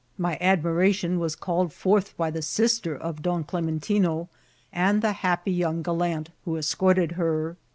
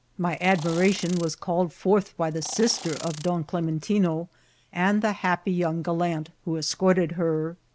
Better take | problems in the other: first | background sound (Insect); 15 dB below the speech

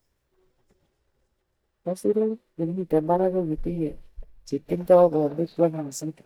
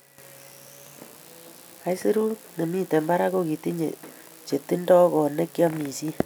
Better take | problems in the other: second | noise reduction (neural mask model DeepFilterNet 3)

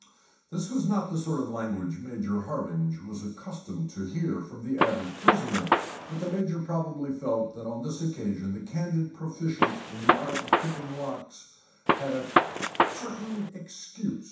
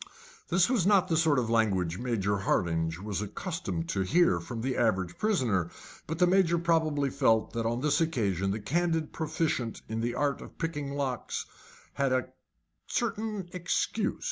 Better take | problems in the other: second | background sound (Gunshot, gunfire); 4 dB above the speech // room echo; dies away in 0.7 s

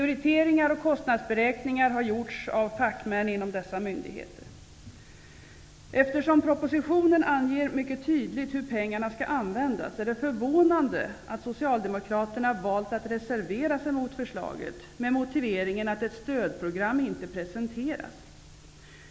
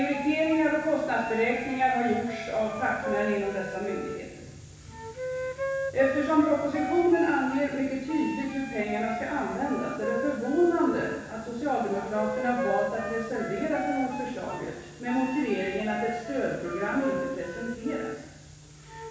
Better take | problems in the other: first | background sound (Wind instrument, woodwind instrument); 8 dB below the speech // room echo; dies away in 1.1 s

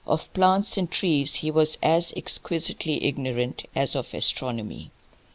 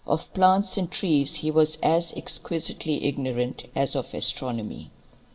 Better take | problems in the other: first | room echo; dies away in 0.3 s

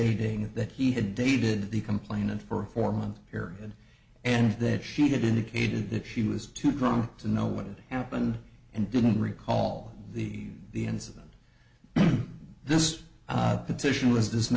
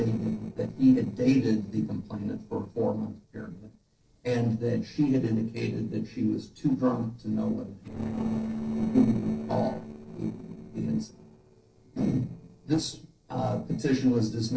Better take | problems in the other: first | noise reduction (neural separator model SepFormer DNS4)

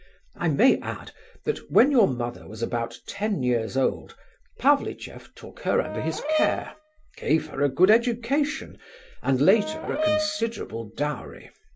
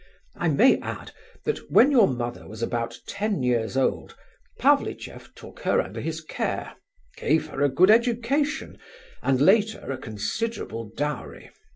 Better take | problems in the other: second | background sound (Brass instrument); 4 dB below the speech

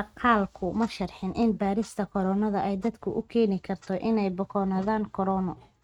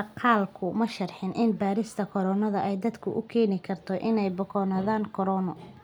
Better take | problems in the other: second | noise reduction (neural mask model RNNoise)

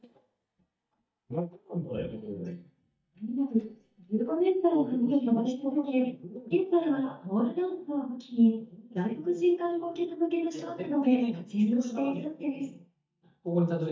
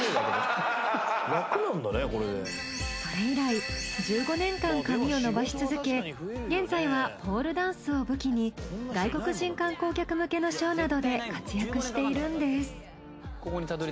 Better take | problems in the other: second | noise reduction (neural mask model DeepFilterNet 3)

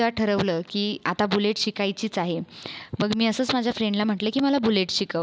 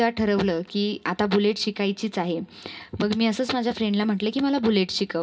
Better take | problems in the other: first | room echo; dies away in 0.3 s

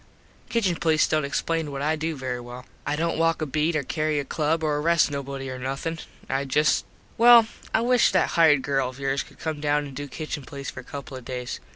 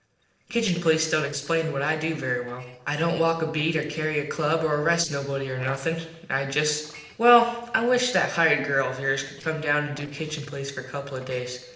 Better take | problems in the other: first | noise reduction (neural separator model SepFormer DNS4)

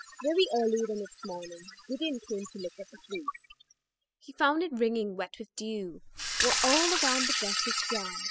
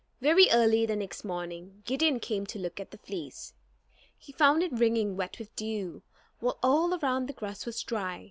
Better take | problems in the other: second | noise reduction (classical method spectral subtraction)

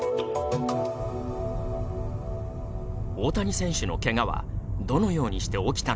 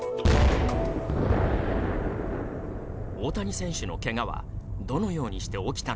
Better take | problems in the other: first | background sound (Explosion); 3 dB above the speech

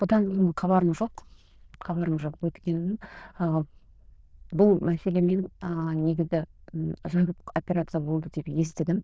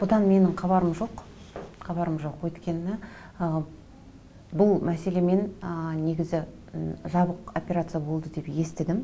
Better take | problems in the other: second | noise reduction (neural diffusion model UNIVERSE++)

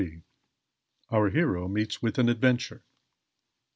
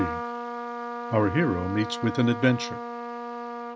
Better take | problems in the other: first | background sound (Trumpet); 6 dB below the speech

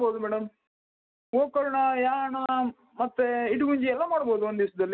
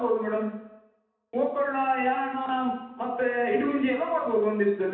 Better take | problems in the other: first | room echo; dies away in 0.9 s

